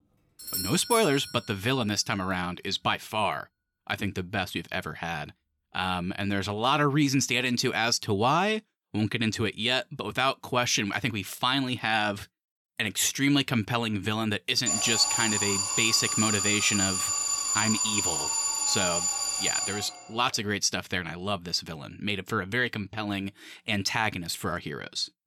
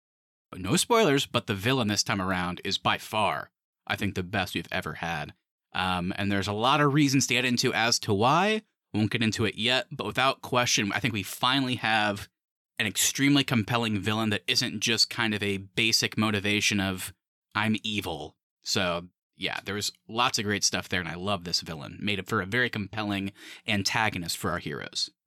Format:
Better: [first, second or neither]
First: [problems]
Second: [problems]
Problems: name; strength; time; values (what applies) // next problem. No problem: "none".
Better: second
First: doorbell; noticeable; at 0.5 s; peak 4 dB below the speech // alarm; loud; from 15 to 20 s; peak 3 dB above the speech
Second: none